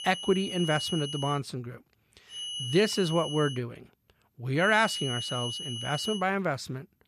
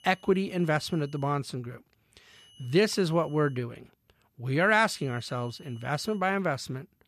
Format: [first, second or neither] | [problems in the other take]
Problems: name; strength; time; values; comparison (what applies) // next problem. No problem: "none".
second | high-pitched whine; loud; until 1.5 s, from 2.5 to 3.5 s and from 4.5 to 6 s; 3 kHz, 6 dB below the speech; faint in the second